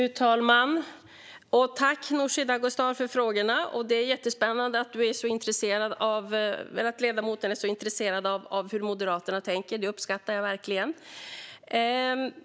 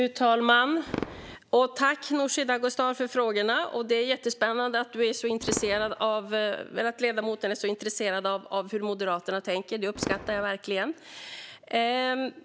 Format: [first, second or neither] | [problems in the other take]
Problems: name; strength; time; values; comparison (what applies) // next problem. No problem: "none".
first | background sound (Fireworks); 16 dB below the speech